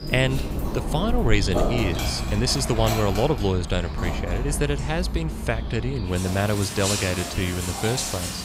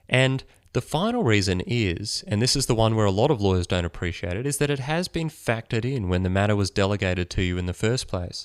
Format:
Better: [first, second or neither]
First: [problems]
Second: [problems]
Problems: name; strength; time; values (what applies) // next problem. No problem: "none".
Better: second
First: animal sounds; loud; throughout; 3 dB below the speech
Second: none